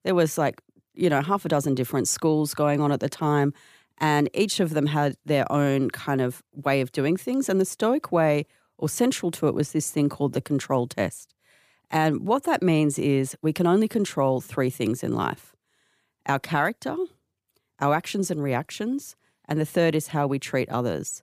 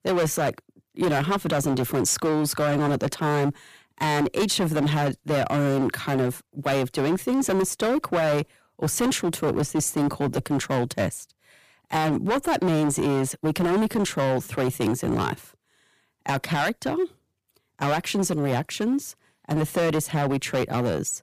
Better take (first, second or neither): first